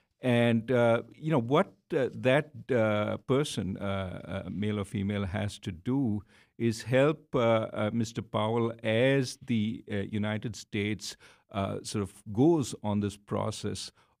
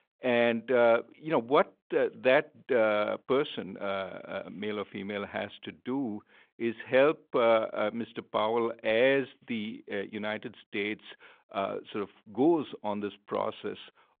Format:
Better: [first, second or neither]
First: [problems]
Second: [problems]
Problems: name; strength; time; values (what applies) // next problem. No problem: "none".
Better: first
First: none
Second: phone-call audio; nothing above 3.5 kHz